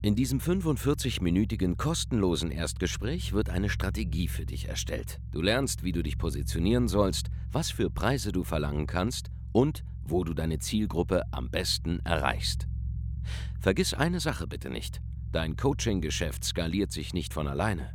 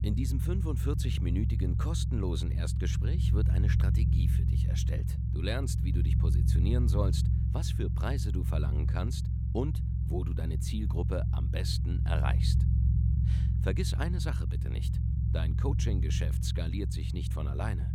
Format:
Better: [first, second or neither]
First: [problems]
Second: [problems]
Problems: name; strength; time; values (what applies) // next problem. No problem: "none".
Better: first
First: low rumble; faint; throughout; 20 dB below the speech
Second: low rumble; loud; throughout; 4 dB below the speech